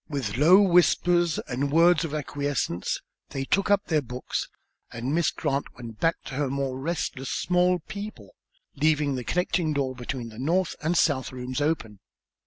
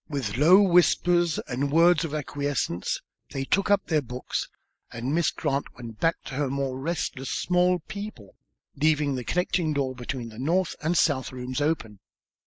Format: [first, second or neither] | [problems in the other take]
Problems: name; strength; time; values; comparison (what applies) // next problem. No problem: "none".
first | noise reduction (neural mask model Resemble Enhance denoiser)